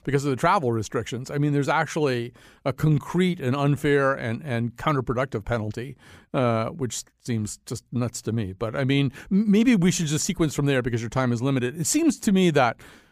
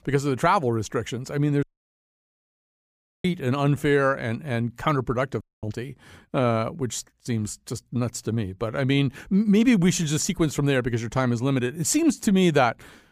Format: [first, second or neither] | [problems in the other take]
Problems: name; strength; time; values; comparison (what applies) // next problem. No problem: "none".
first | audio cutting out; at 1.5 s for 1.5 s and at 5.5 s